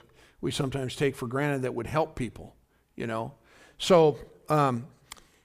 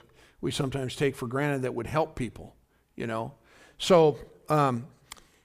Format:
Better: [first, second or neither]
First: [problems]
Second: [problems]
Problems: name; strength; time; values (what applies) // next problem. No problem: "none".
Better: neither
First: none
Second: none